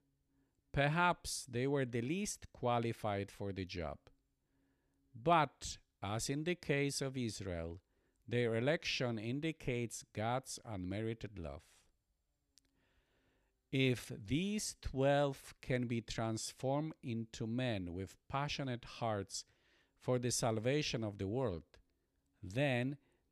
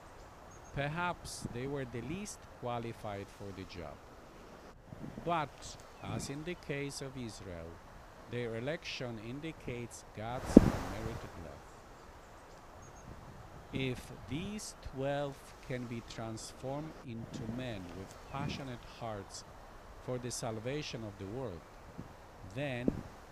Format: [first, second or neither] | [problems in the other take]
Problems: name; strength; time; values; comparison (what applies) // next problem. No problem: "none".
first | wind noise on the microphone; heavy; 3 dB below the speech